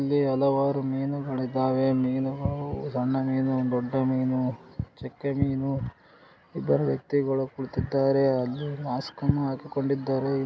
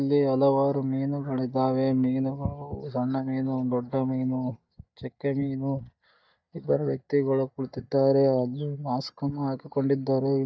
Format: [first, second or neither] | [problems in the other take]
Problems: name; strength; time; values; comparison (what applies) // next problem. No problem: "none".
first | noise reduction (neural mask model DeepFilterNet 3)